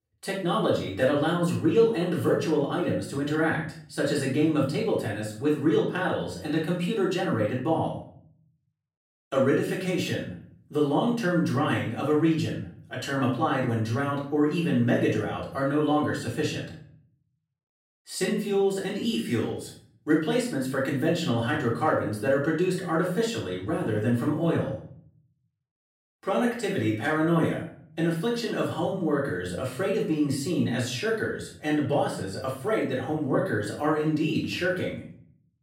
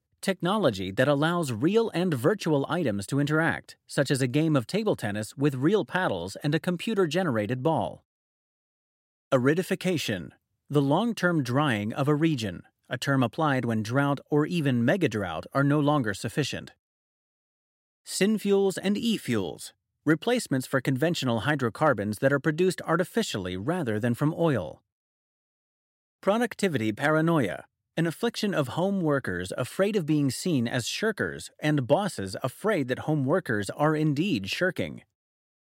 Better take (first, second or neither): second